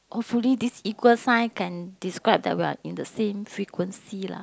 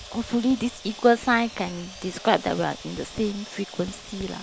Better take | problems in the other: first | background sound (Writing + Sawing); 15 dB below the speech

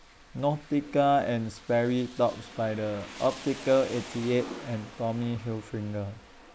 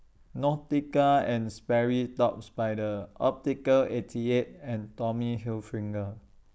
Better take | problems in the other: second | background sound (Rain); 17 dB below the speech

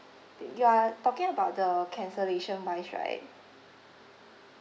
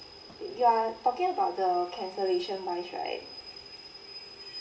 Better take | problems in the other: first | background sound (Rain / Train); 17 dB below the speech // room echo; dies away in 0.4 s

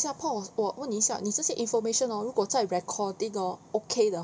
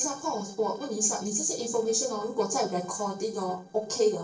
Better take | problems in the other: first | noise reduction (neural separator model SepFormer DNS4)

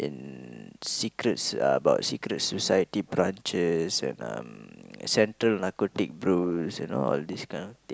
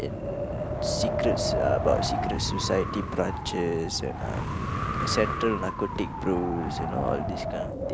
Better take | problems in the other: first | background sound (Wind); 1 dB above the speech

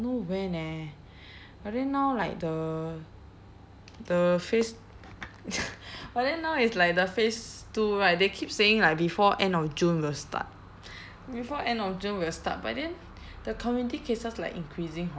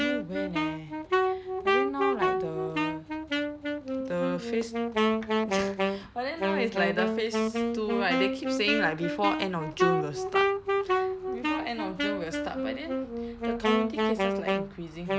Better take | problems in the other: first | background sound (Wind instrument, woodwind instrument); 5 dB above the speech

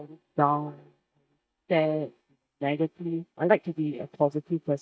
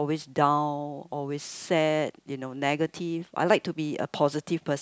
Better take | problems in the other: second | noise reduction (neural mask model DeepFilterNet 3)

